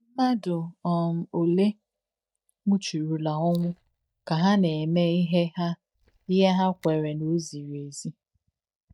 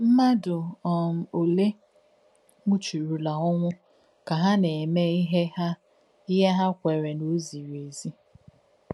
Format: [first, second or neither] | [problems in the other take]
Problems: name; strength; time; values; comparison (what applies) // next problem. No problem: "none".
second | noise reduction (neural mask model DeepFilterNet 3)